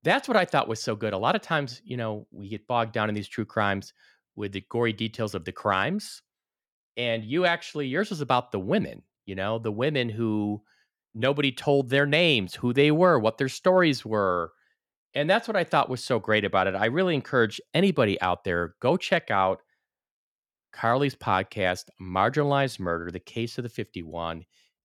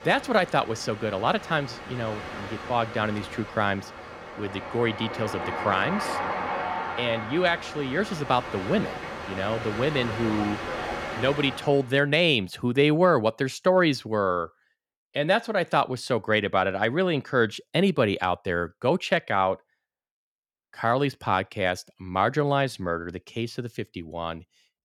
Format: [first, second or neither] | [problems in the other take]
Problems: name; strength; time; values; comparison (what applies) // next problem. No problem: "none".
first | train or aircraft noise; loud; until 12 s; 8 dB below the speech